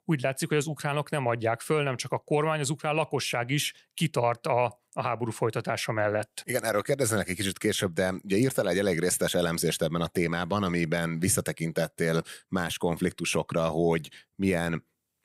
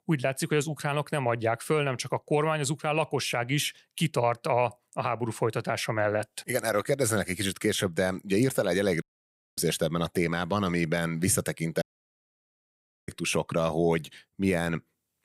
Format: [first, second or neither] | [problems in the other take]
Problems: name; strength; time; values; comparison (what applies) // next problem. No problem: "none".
first | audio cutting out; at 9 s for 0.5 s and at 12 s for 1.5 s